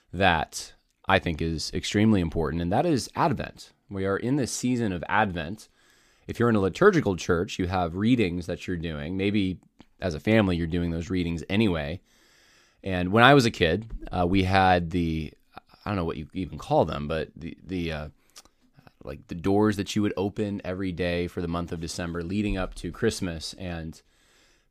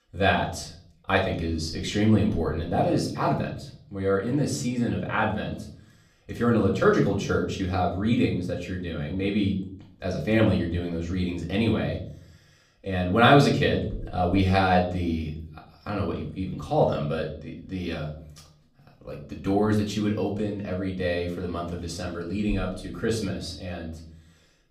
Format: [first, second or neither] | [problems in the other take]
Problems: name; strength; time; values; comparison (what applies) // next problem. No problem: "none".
first | off-mic speech; far // room echo; slight; dies away in 0.5 s